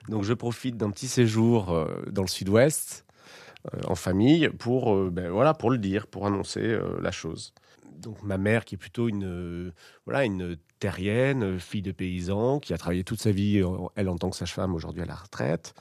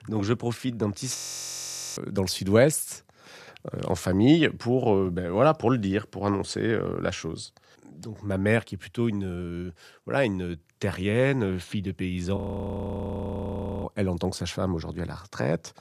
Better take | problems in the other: first | audio freezing; at 1 s for 1 s and at 12 s for 1.5 s

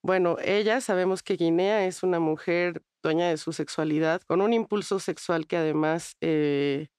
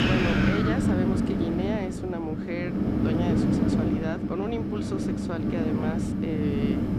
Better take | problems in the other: first | wind noise on the microphone; heavy; 3 dB above the speech

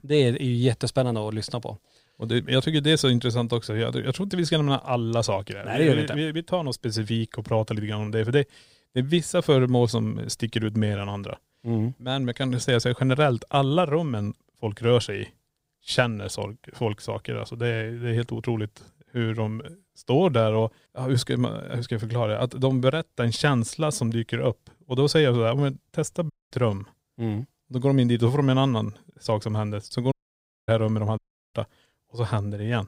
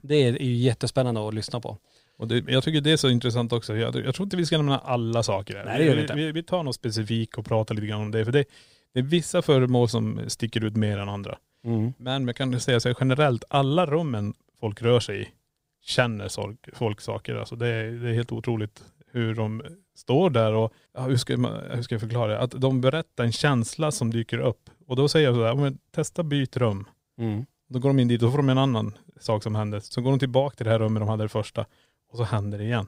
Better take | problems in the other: second | audio cutting out; at 26 s, at 30 s for 0.5 s and at 31 s

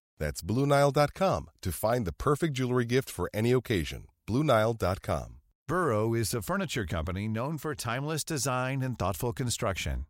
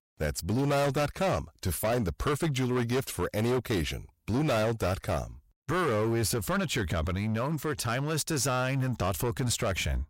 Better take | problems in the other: first | distortion; heavy; 17% of the sound clipped

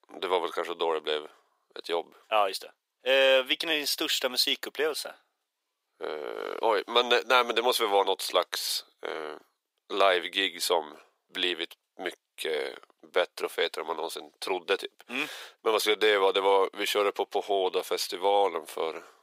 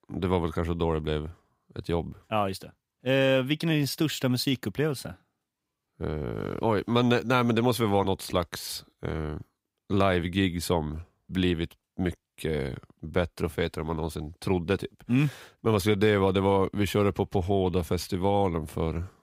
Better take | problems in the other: second | thin; very; fading below 450 Hz

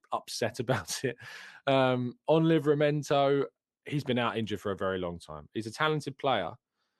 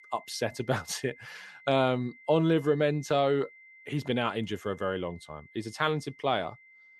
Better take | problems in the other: first | high-pitched whine; faint; throughout; 2 kHz, 25 dB below the speech

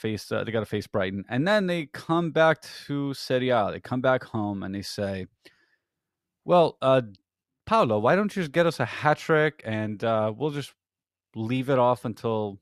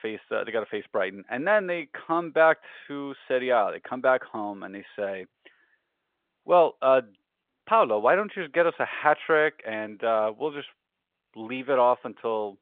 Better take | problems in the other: first | phone-call audio; nothing above 3.5 kHz

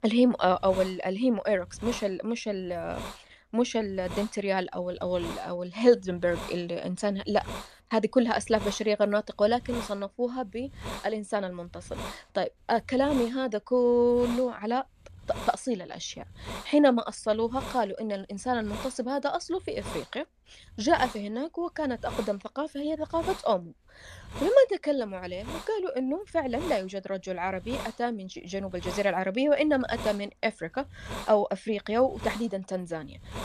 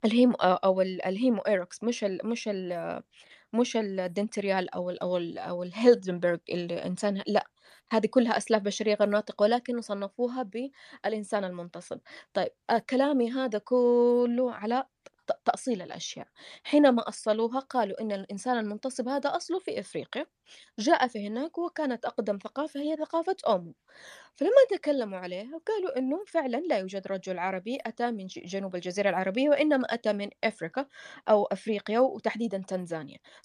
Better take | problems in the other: second | hiss; noticeable; throughout; 15 dB below the speech

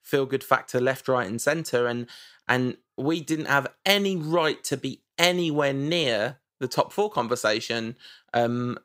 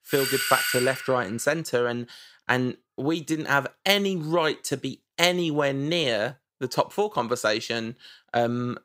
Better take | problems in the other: first | doorbell; loud; until 1.5 s; peak 1 dB above the speech

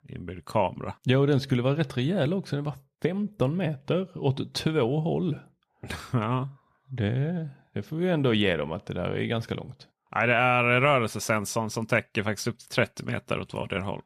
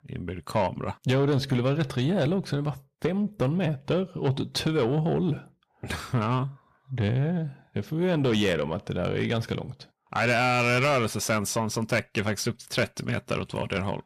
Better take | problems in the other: first | distortion; slight; 10 dB below the speech

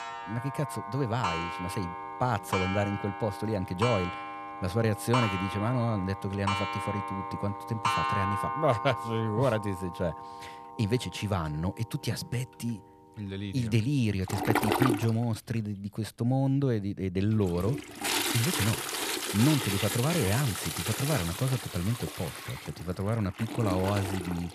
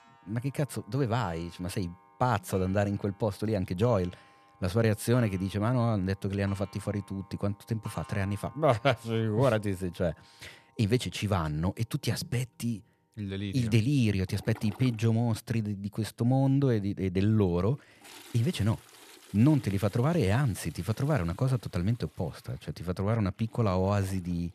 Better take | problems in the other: second | household noises; loud; throughout; 2 dB below the speech; faint in the second

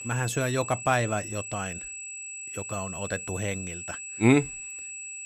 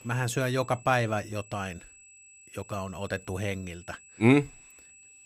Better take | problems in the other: second | high-pitched whine; loud; throughout; 8 kHz, 8 dB below the speech; faint in the second

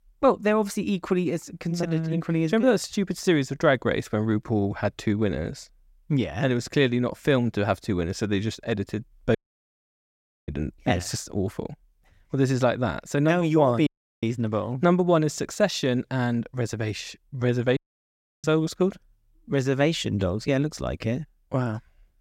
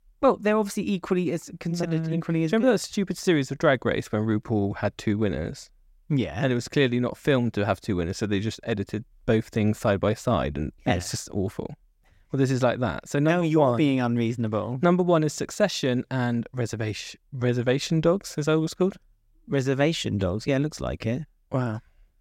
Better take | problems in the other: second | audio cutting out; at 9.5 s for 1 s, at 14 s and at 18 s for 0.5 s

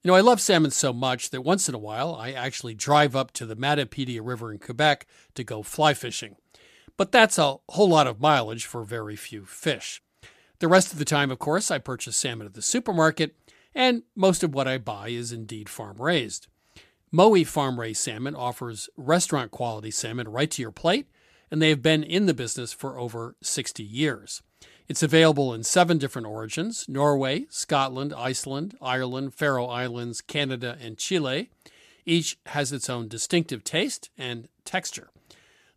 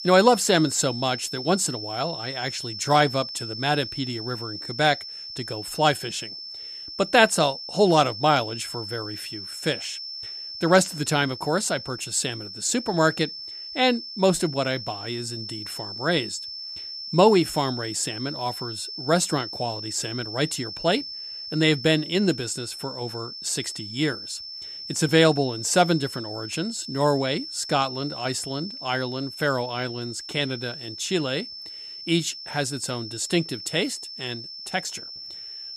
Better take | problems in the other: first | high-pitched whine; loud; throughout; 5.5 kHz, 9 dB below the speech

